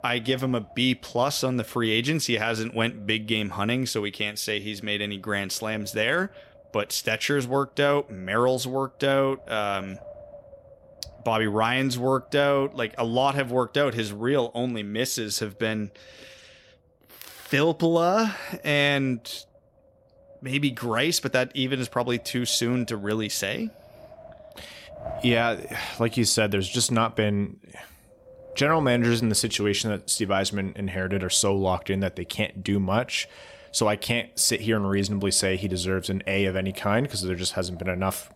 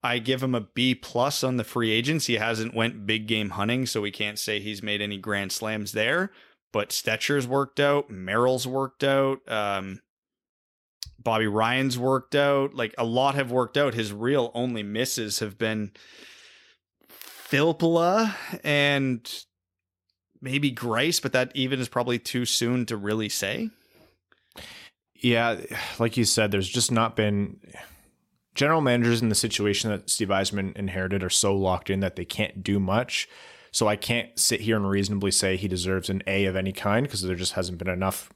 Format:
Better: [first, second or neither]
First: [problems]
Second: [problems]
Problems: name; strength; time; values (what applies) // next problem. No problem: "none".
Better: second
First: wind noise on the microphone; occasional gusts; 20 dB below the speech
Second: none